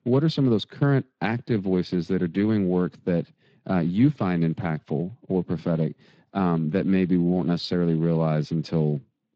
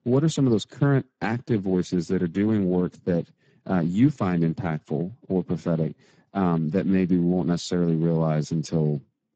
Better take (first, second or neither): first